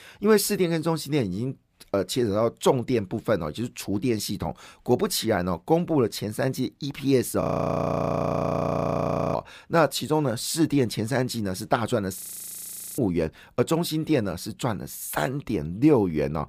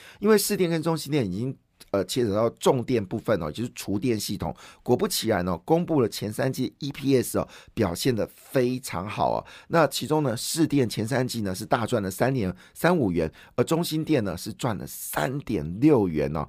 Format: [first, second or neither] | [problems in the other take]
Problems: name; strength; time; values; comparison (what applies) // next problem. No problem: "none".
second | audio freezing; at 7.5 s for 2 s and at 12 s for 1 s